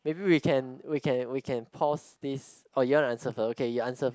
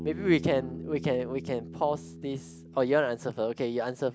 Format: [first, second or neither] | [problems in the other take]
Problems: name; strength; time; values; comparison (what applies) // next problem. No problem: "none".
first | background sound (Bass guitar); 12 dB below the speech